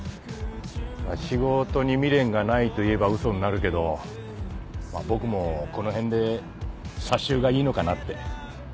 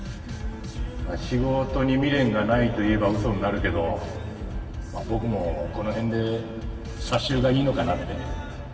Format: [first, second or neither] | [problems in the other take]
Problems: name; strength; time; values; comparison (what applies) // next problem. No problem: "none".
first | room echo; dies away in 2.4 s